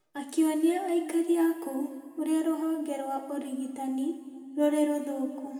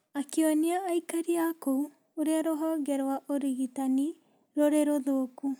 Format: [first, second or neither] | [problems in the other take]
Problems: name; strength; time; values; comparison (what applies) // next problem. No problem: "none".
second | room echo; dies away in 2 s